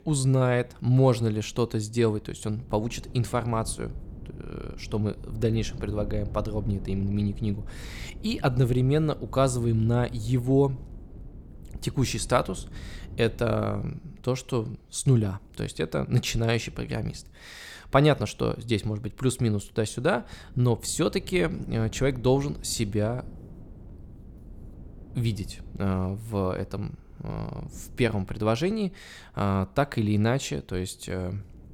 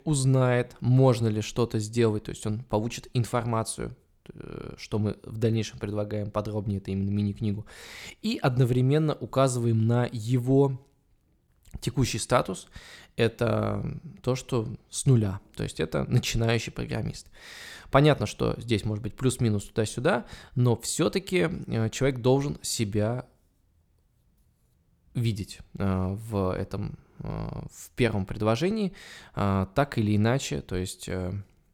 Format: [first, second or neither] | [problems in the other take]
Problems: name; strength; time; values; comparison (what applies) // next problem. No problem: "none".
second | wind noise on the microphone; occasional gusts; 25 dB below the speech